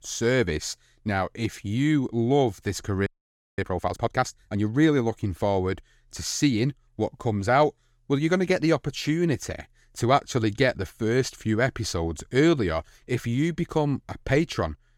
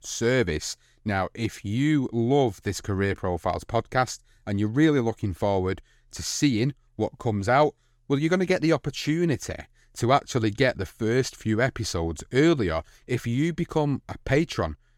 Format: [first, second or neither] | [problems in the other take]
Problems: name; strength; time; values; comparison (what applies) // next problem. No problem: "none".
second | audio freezing; at 3 s for 0.5 s